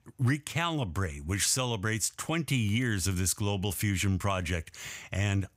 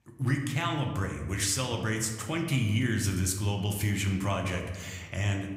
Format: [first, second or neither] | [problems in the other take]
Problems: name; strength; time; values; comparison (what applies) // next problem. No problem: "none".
first | room echo; slight; dies away in 1 s